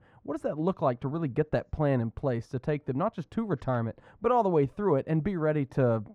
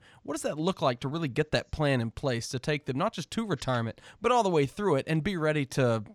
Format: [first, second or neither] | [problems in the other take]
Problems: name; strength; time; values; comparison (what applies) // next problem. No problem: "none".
second | muffled; very; fading above 2 kHz